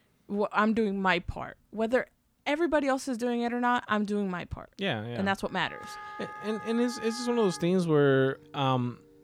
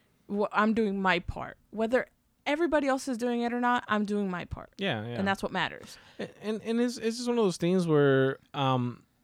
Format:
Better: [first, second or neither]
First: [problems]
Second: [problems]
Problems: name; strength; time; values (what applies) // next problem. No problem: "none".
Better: second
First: background music; noticeable; from 5.5 s on; 15 dB below the speech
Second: none